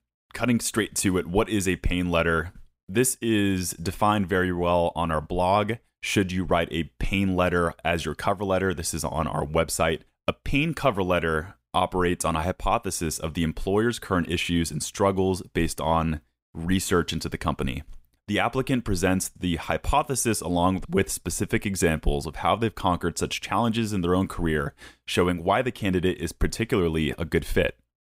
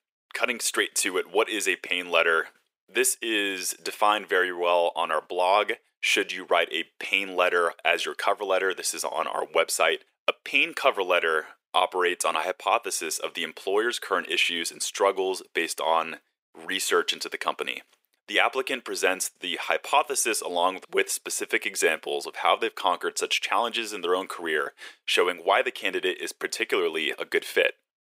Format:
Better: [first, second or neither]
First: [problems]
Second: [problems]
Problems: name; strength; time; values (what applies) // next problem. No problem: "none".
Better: first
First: none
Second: thin; very; fading below 400 Hz